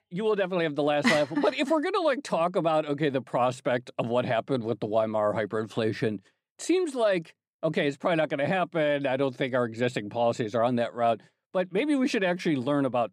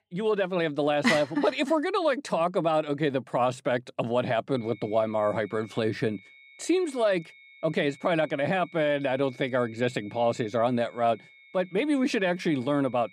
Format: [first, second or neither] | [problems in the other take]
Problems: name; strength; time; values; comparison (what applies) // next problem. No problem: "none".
first | high-pitched whine; faint; from 4.5 s on; 2 kHz, 25 dB below the speech